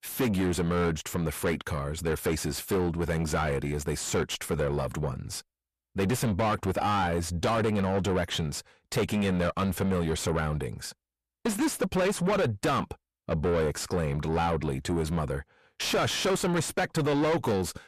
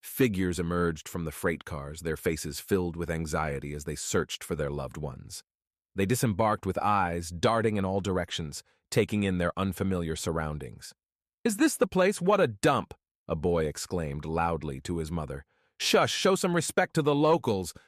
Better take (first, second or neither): second